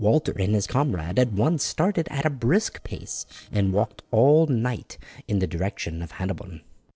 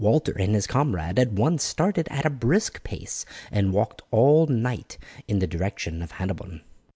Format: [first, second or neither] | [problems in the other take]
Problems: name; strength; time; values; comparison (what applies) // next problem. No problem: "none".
second | noise reduction (neural separator model SepFormer DNS4)